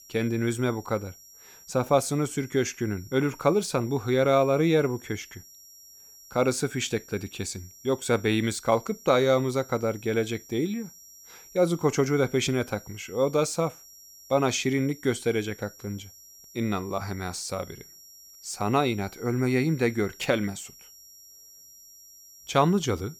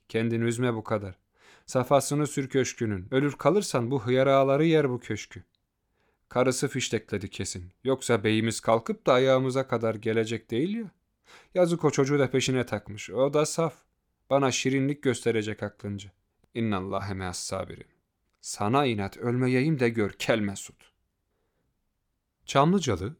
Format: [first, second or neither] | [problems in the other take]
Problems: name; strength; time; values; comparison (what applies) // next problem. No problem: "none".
second | high-pitched whine; faint; throughout; 5.5 kHz, 20 dB below the speech